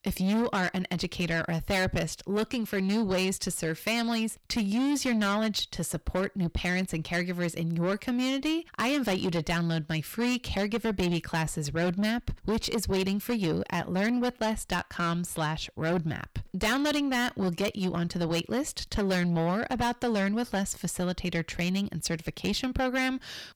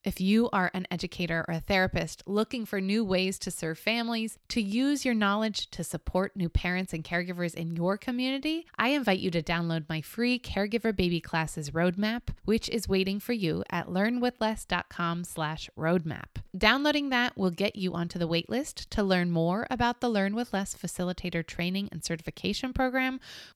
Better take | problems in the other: second | distortion; heavy; 7 dB below the speech

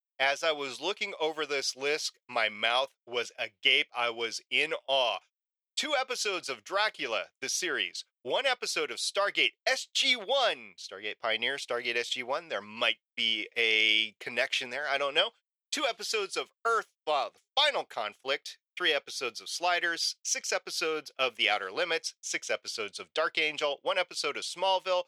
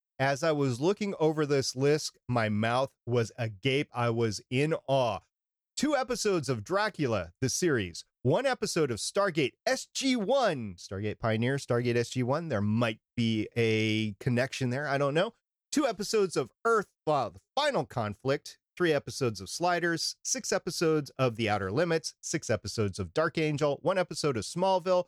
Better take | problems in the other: second | thin; very; fading below 650 Hz

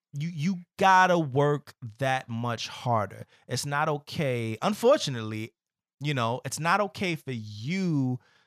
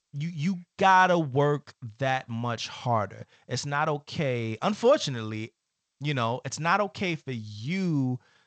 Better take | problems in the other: first | garbled, watery; slightly; nothing above 7.5 kHz

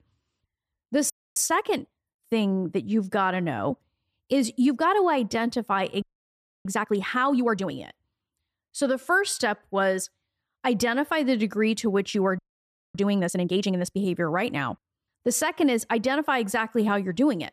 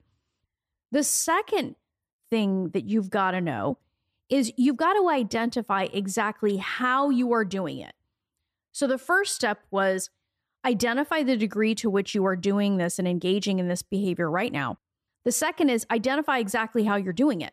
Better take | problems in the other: second | audio freezing; at 1 s, at 6 s for 0.5 s and at 12 s for 0.5 s

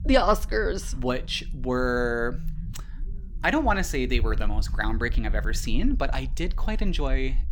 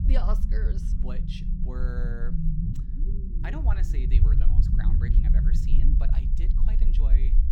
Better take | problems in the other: first | low rumble; loud; throughout; 1 dB below the speech; faint in the first

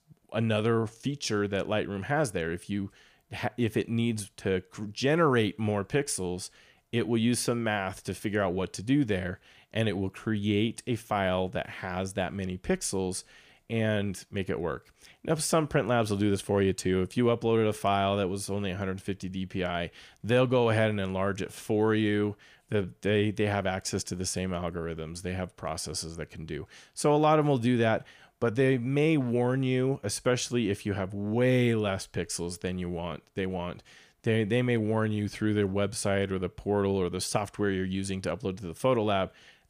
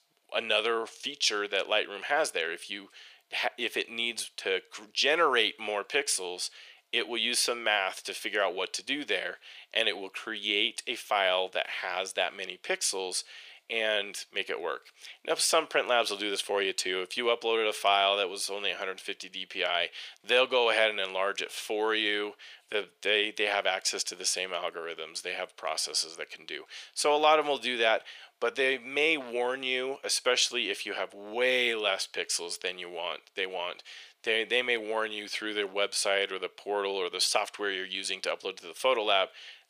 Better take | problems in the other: first | thin; very; fading below 500 Hz

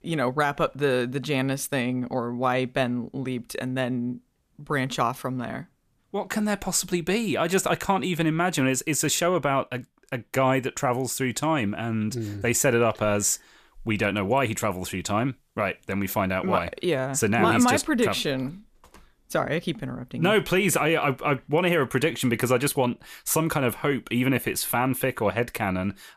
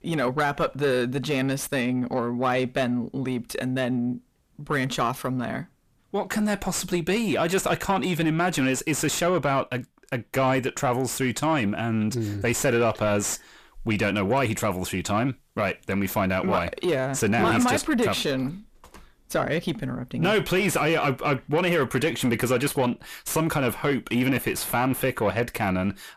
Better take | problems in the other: first | distortion; slight; 10 dB below the speech

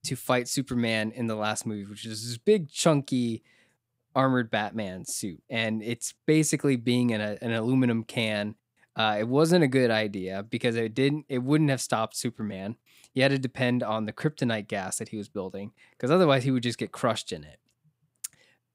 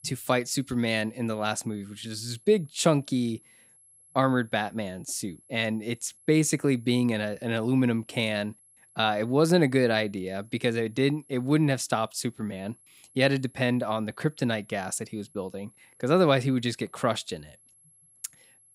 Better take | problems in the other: first | high-pitched whine; faint; throughout; 11 kHz, 30 dB below the speech

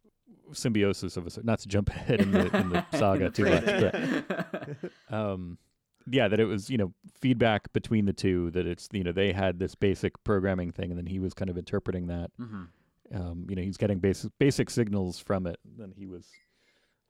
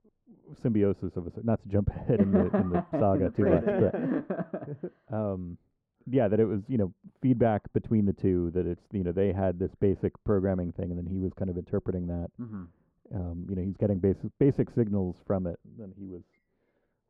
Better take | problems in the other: first | muffled; very; fading above 2.5 kHz

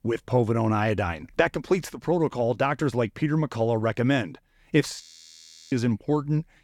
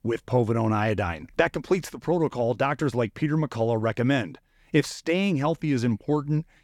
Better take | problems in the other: second | audio freezing; at 5 s for 0.5 s

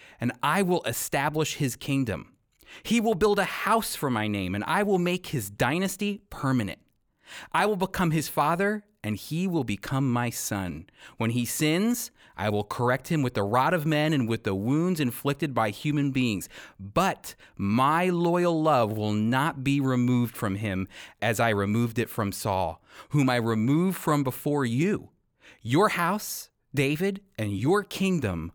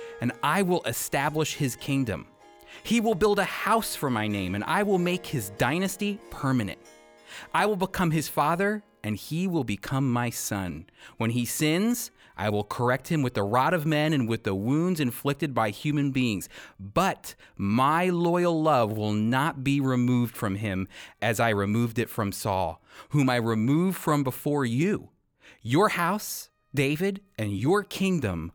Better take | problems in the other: first | background music; faint; throughout; 25 dB below the speech

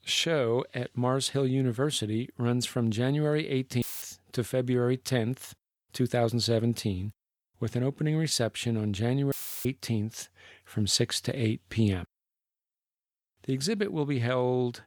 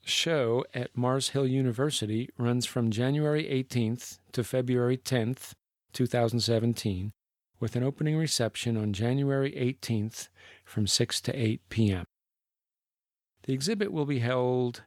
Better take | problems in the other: second | audio cutting out; filled with static; at 4 s and at 9.5 s

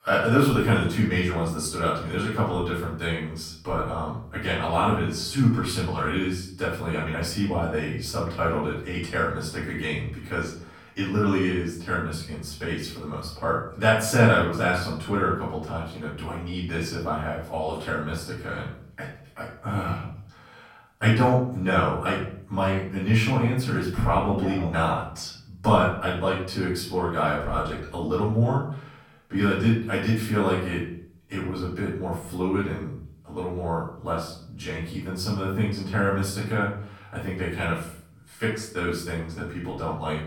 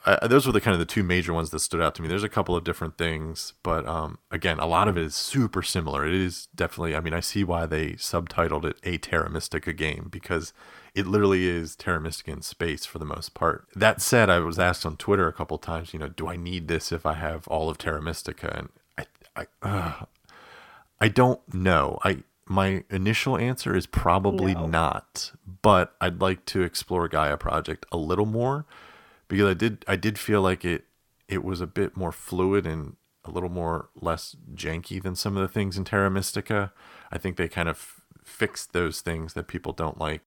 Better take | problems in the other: second | off-mic speech; far // room echo; noticeable; dies away in 0.5 s

